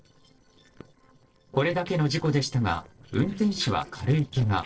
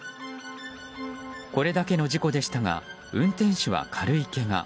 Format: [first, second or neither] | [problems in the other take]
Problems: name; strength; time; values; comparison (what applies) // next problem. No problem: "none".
second | noise reduction (neural separator model SepFormer DNS4)